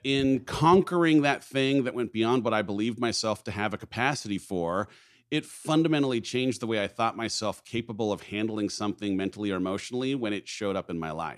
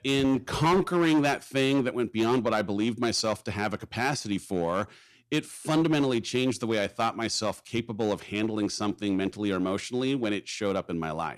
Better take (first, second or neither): first